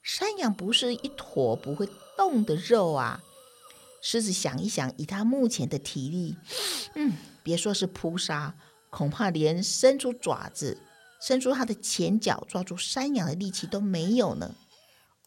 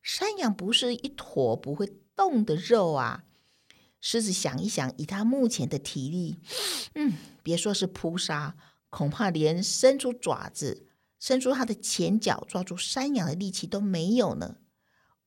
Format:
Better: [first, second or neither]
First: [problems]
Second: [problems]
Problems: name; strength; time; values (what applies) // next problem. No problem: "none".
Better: second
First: hiss; faint; throughout; 25 dB below the speech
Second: none